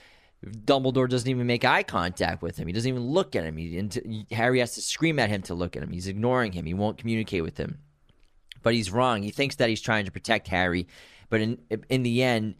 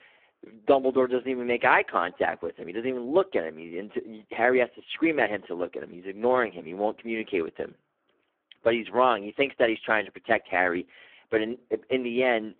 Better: first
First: none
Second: phone-call audio; poor line

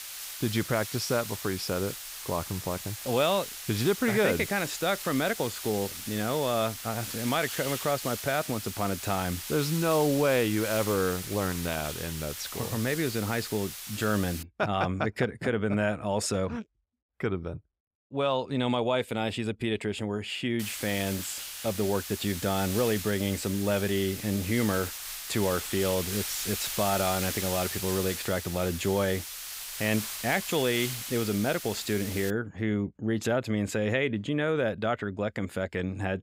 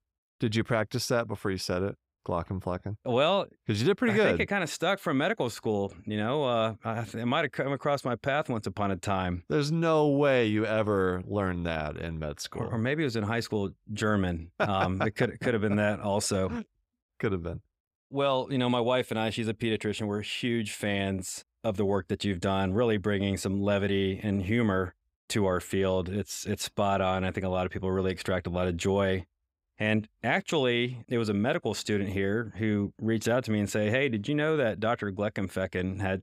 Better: second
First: hiss; loud; until 14 s and from 21 to 32 s; 6 dB below the speech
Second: none

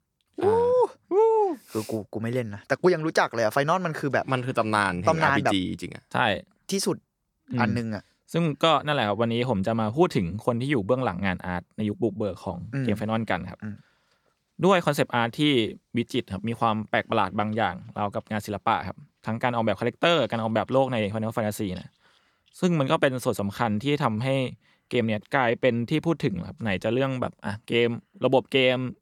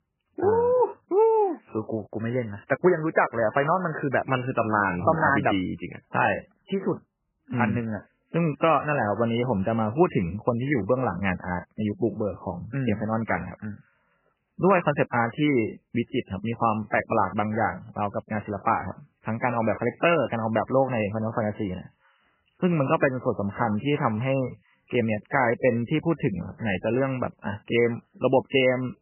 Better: first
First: none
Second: garbled, watery; badly; nothing above 3 kHz

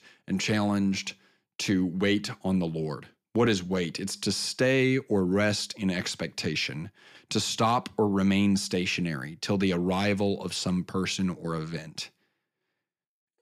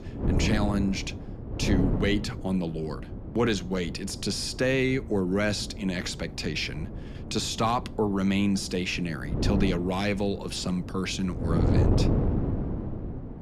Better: first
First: none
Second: wind noise on the microphone; heavy; 8 dB below the speech

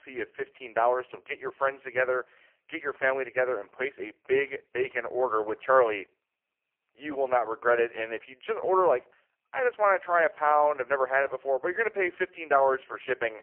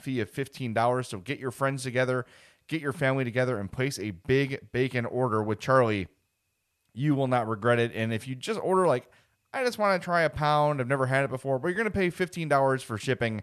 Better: second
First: phone-call audio; poor line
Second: none

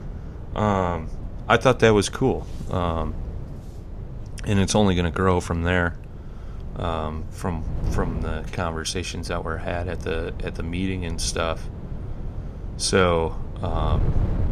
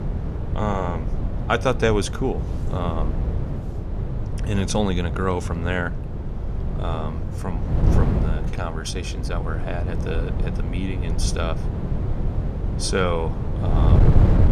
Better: first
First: wind noise on the microphone; occasional gusts; 20 dB below the speech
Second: wind noise on the microphone; heavy; 7 dB below the speech

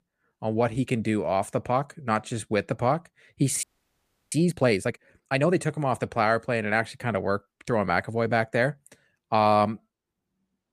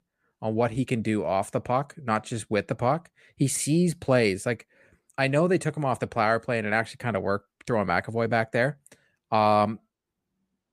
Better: second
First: audio freezing; at 3.5 s for 0.5 s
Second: none

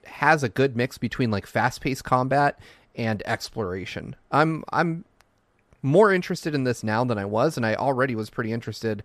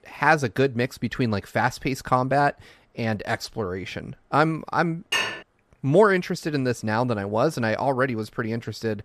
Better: first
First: none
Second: clattering dishes; noticeable; at 5 s; peak level with the speech

